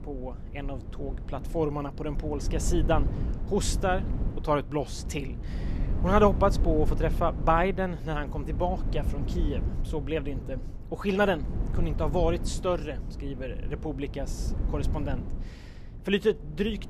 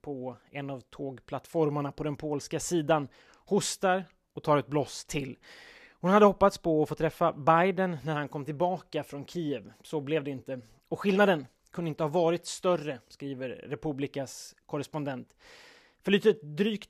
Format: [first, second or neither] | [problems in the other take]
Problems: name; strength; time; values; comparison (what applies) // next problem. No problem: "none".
second | wind noise on the microphone; occasional gusts; 15 dB below the speech